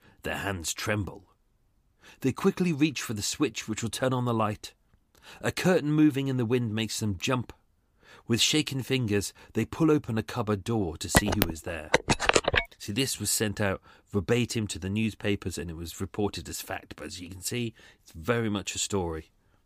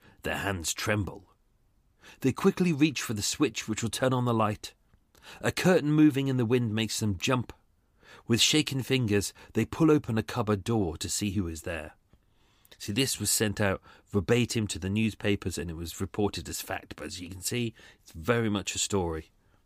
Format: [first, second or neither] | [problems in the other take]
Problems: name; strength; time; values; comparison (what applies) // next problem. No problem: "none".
second | phone ringing; loud; from 11 to 13 s; peak 6 dB above the speech